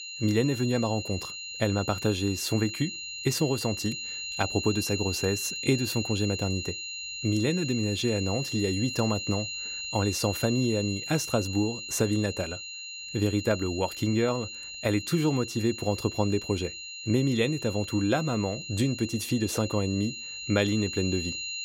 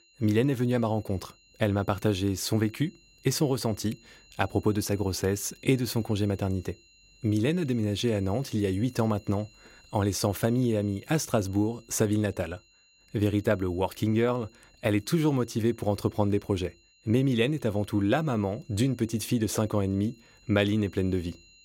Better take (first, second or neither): second